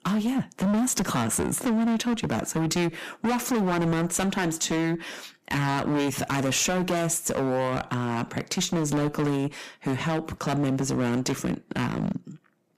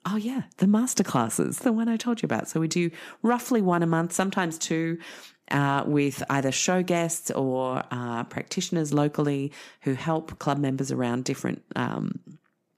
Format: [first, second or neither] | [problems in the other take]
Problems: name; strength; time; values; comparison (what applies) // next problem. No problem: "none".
second | distortion; heavy; 20% of the sound clipped